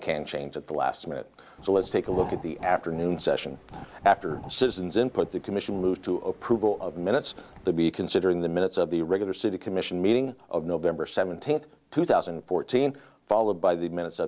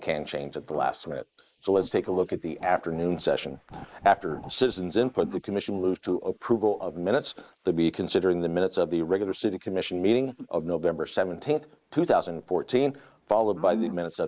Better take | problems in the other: first | noise reduction (neural mask model Resemble Enhance denoiser)

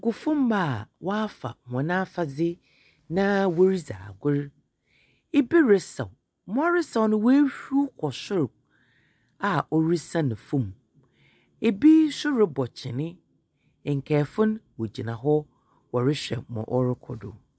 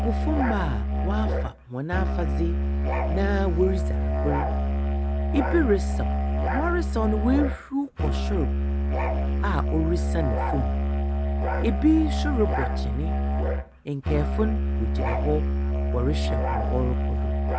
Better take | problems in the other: first | background sound (Musical instrument); 4 dB above the speech

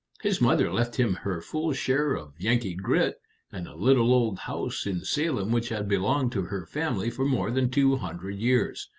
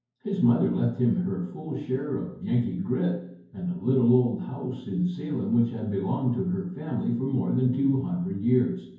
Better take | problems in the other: first | room echo; dies away in 0.9 s

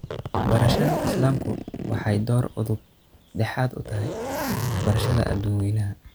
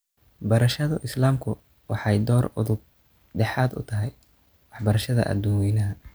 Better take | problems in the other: second | background sound (Zipper (clothing)); 3 dB below the speech

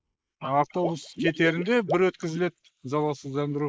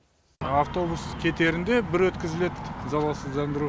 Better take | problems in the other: second | noise reduction (neural mask model Resemble Enhance denoiser)

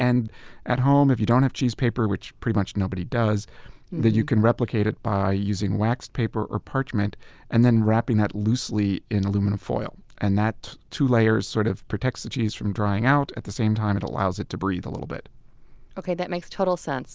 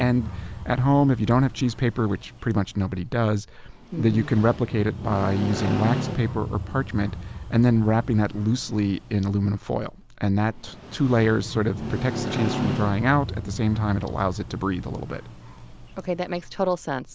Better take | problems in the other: first | background sound (Motorcycle); 10 dB below the speech

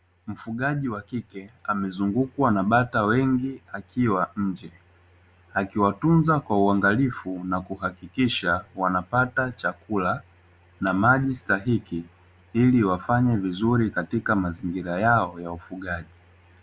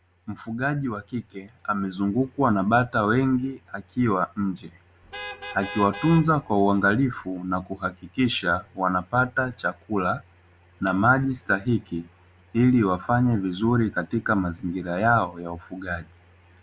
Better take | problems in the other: first | background sound (Vehicle horn, car horn, honking); 14 dB below the speech

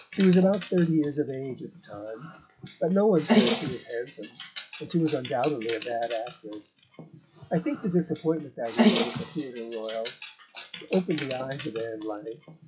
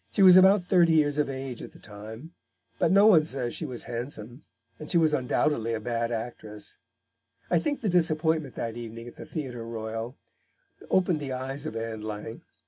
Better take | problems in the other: second | noise reduction (classical method log-MMSE)

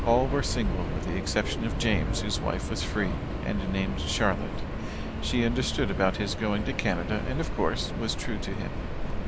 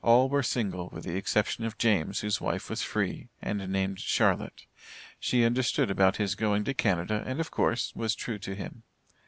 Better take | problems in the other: second | background sound (Subway, metro, underground); 1 dB below the speech

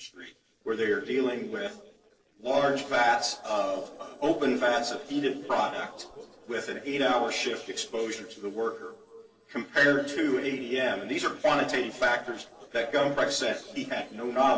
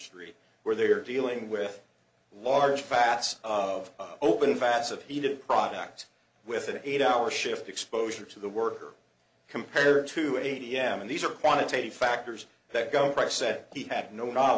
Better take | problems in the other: second | noise reduction (neural separator model SepFormer DNS4)

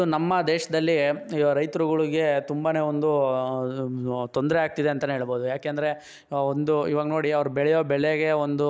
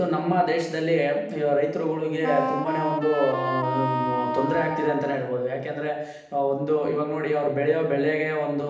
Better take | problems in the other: first | background sound (Wind instrument, woodwind instrument); 3 dB below the speech // room echo; dies away in 0.8 s

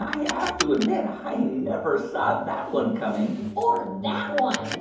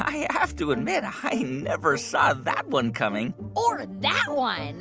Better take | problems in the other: second | background sound (Car); 12 dB below the speech // room echo; dies away in 2.8 s

